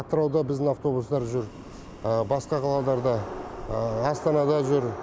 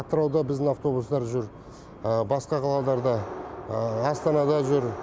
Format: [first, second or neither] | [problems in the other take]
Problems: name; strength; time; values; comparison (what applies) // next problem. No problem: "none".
second | background sound (Boiling); 18 dB below the speech